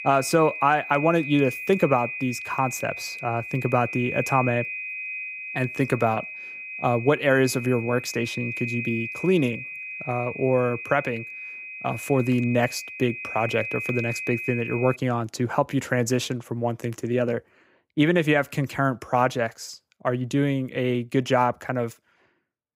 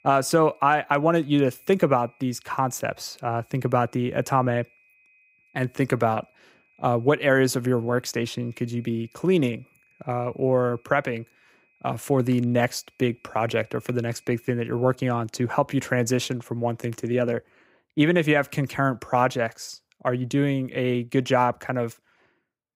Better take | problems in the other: second | high-pitched whine; loud; until 15 s; 2.5 kHz, 8 dB below the speech; faint in the second

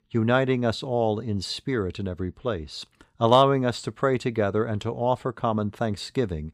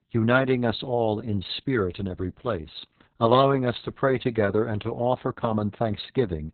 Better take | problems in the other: first | garbled, watery; badly; nothing above 4 kHz

